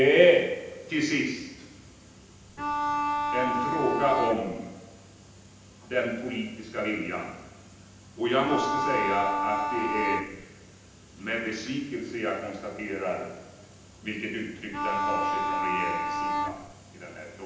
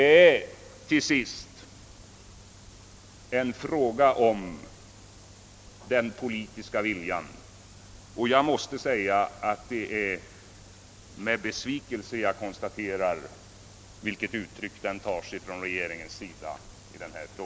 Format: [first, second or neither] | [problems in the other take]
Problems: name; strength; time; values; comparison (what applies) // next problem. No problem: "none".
second | background sound (Bowed string instrument); 1 dB above the speech // room echo; dies away in 0.9 s